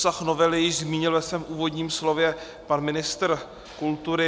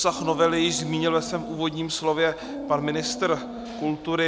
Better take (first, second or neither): first